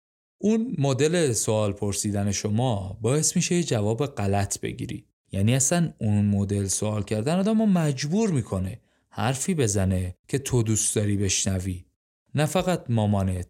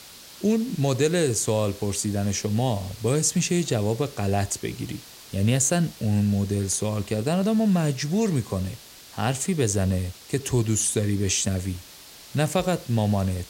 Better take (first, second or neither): first